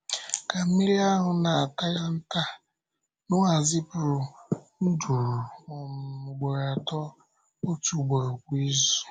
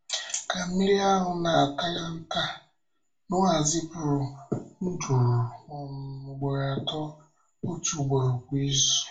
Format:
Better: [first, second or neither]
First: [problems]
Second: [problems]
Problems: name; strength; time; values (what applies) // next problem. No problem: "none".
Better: first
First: none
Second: room echo; dies away in 0.3 s